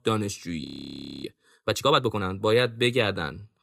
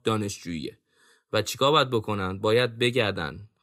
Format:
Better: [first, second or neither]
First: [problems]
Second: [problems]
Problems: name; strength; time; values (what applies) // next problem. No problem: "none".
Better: second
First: audio freezing; at 0.5 s for 0.5 s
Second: none